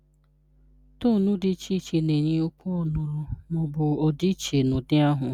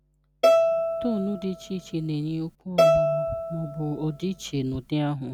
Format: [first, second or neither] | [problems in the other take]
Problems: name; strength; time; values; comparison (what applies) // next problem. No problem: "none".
first | background sound (Bowed string instrument); 5 dB above the speech